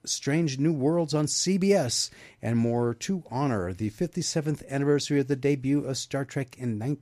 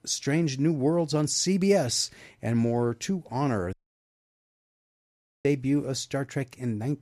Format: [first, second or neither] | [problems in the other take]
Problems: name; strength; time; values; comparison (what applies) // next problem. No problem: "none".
first | audio cutting out; at 3.5 s for 1.5 s